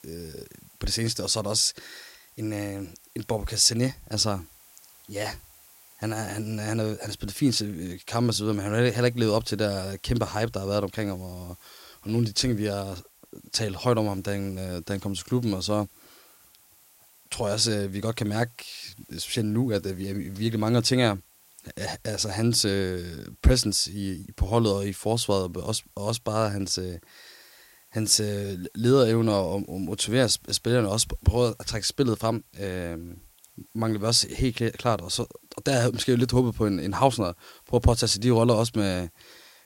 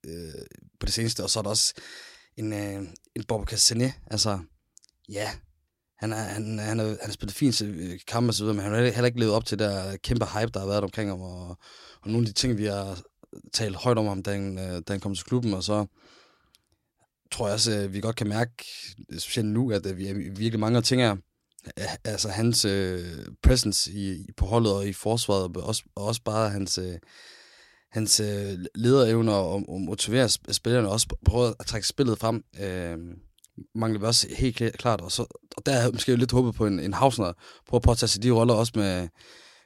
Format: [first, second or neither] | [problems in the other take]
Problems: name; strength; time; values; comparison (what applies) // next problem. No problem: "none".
second | hiss; faint; throughout; 25 dB below the speech